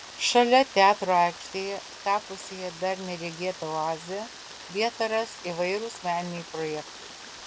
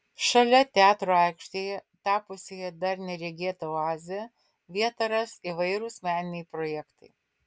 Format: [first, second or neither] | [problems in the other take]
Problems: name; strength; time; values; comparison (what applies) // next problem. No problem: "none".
second | background sound (Rain); 15 dB below the speech